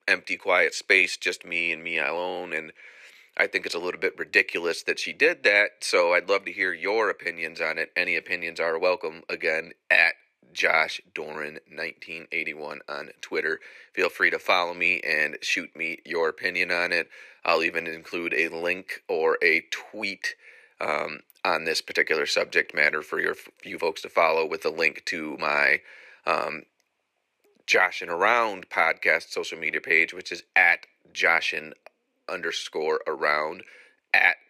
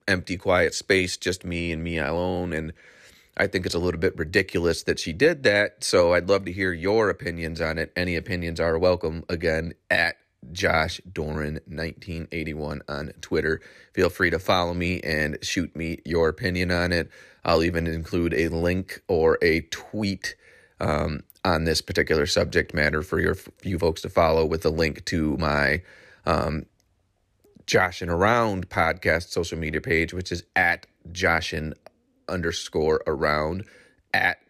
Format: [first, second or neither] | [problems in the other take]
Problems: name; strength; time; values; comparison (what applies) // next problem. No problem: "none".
second | thin; very; fading below 450 Hz